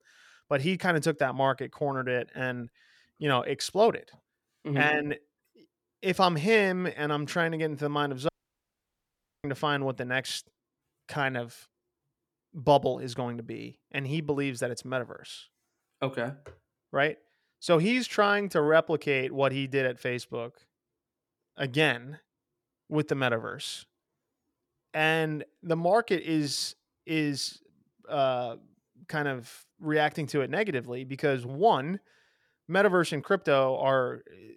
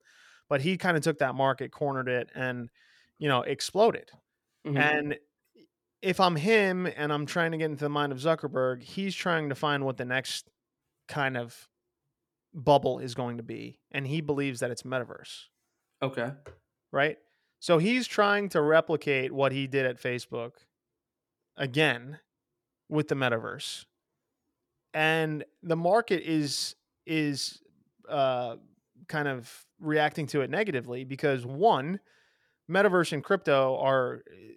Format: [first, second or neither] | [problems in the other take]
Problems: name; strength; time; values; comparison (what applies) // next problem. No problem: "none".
second | audio cutting out; at 8.5 s for 1 s